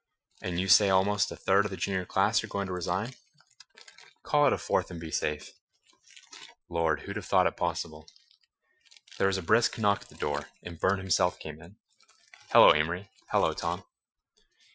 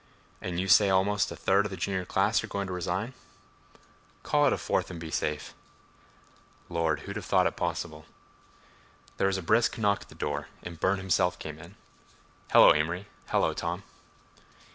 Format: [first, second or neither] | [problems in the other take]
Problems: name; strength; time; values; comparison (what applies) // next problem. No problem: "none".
second | noise reduction (classical method Wiener filter)